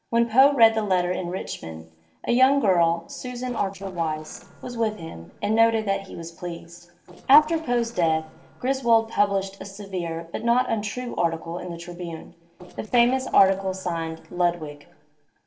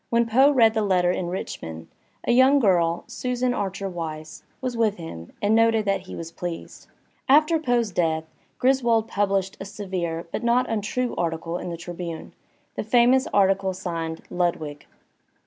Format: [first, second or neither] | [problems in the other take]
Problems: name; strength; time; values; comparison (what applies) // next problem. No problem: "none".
second | noise reduction (neural separator model SepFormer DNS4)